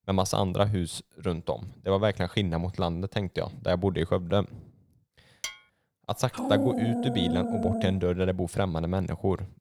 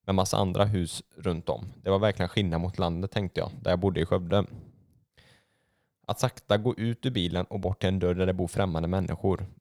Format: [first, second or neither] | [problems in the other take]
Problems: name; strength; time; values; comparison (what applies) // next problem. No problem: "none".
second | clattering dishes; noticeable; at 5.5 s; peak 9 dB below the speech // dog barking; loud; from 6.5 to 8 s; peak 1 dB above the speech